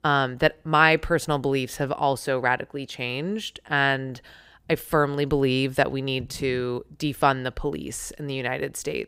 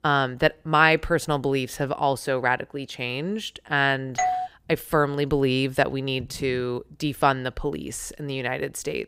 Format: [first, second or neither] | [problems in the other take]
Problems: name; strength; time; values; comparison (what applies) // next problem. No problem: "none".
first | doorbell; noticeable; at 4 s; peak 1 dB below the speech